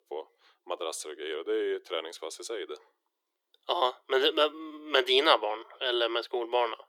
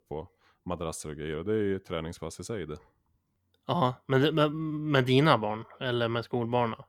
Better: second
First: thin; very; fading below 350 Hz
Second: none

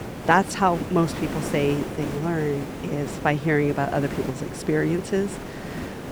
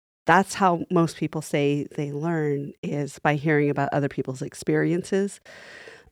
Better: second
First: hiss; loud; throughout; 9 dB below the speech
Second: none

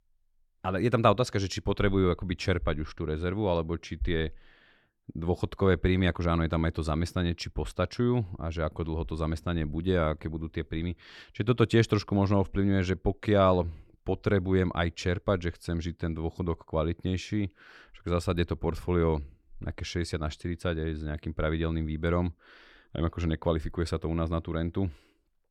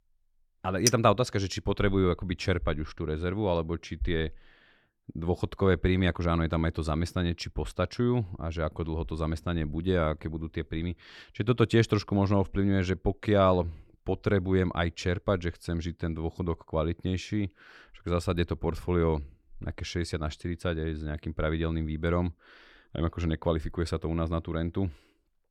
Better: first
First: none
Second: clattering dishes; very faint; at 1 s; peak 1 dB above the speech

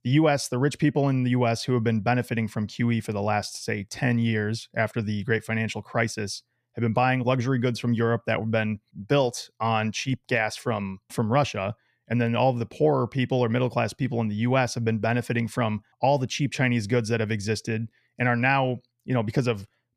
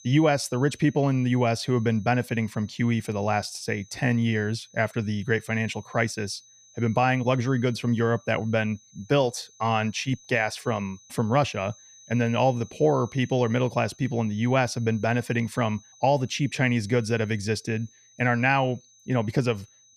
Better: first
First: none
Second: high-pitched whine; faint; throughout; 6 kHz, 25 dB below the speech

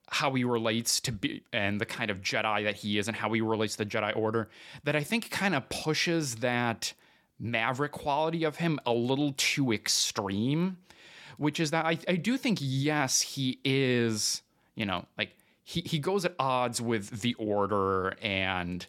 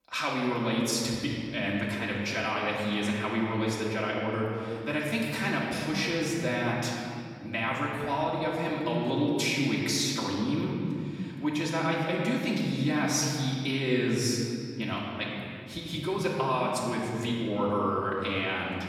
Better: first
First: none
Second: room echo; noticeable; dies away in 2.3 s // off-mic speech; far

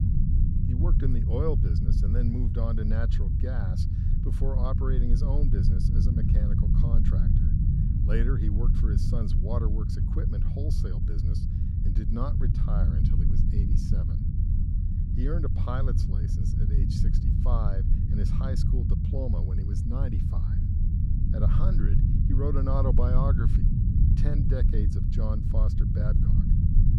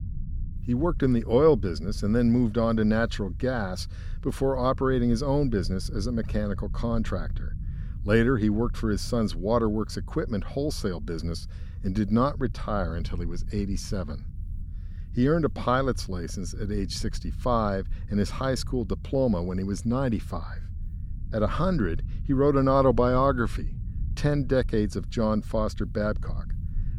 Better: second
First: low rumble; loud; throughout; 1 dB below the speech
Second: low rumble; faint; throughout; 25 dB below the speech

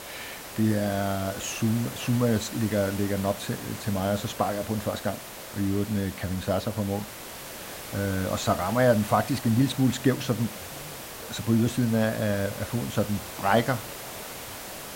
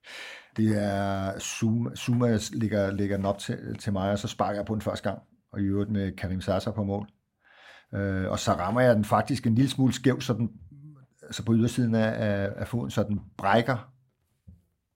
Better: second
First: hiss; noticeable; throughout; 10 dB below the speech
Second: none

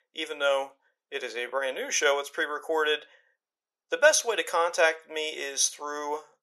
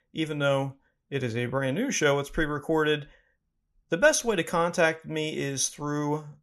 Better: second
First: thin; very; fading below 450 Hz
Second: none

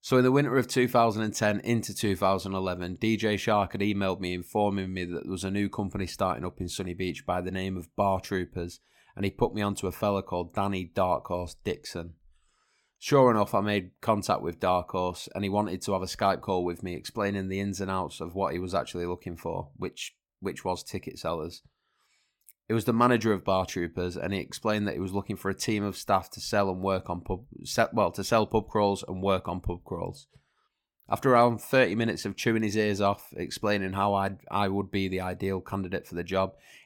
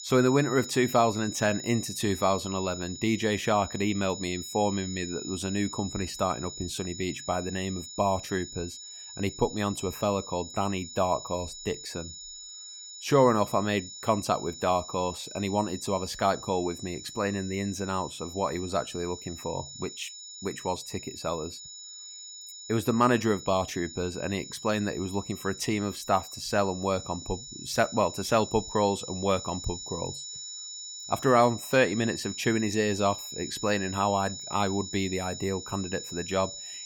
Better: first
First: none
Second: high-pitched whine; noticeable; throughout; 7 kHz, 10 dB below the speech

